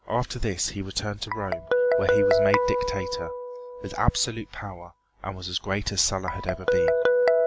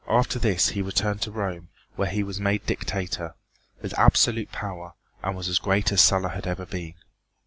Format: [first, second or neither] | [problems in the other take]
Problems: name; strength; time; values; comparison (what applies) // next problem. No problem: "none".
second | background sound (Guitar); 4 dB above the speech